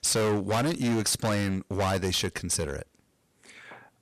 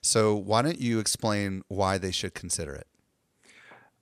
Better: second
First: distortion; heavy; 16% of the sound clipped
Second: none

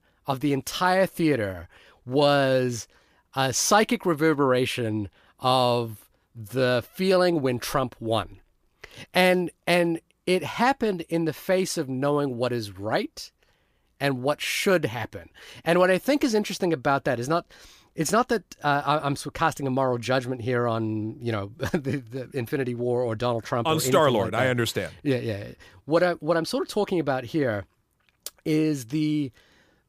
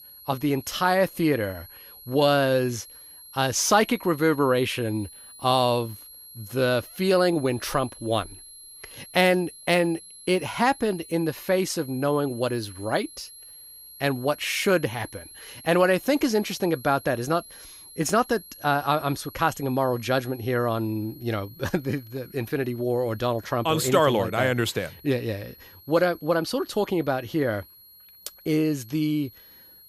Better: first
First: none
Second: high-pitched whine; noticeable; throughout; 11.5 kHz, 20 dB below the speech

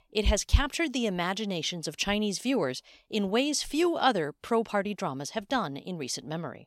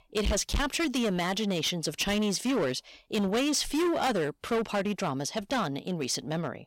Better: first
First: none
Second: distortion; heavy; 17% of the sound clipped

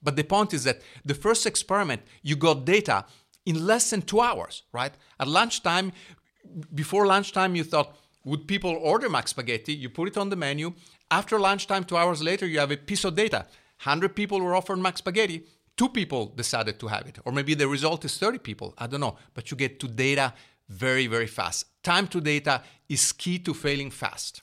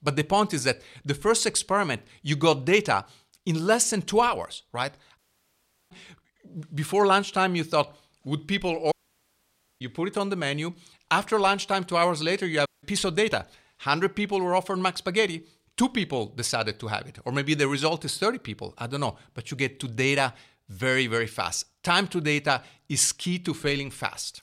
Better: first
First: none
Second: audio cutting out; at 5 s for 0.5 s, at 9 s for 1 s and at 13 s

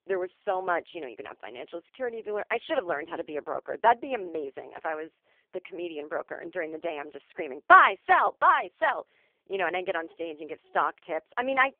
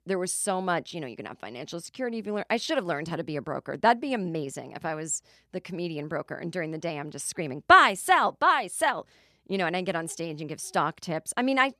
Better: second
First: phone-call audio; poor line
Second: none

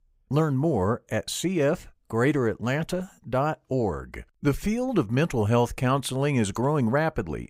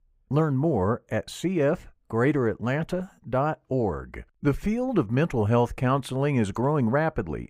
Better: first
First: none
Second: muffled; slightly; fading above 3 kHz

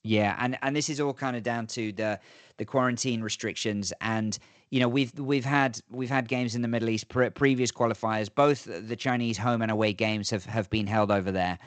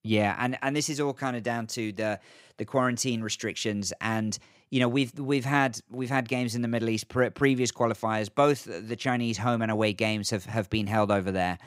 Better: second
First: garbled, watery; slightly; nothing above 7.5 kHz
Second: none

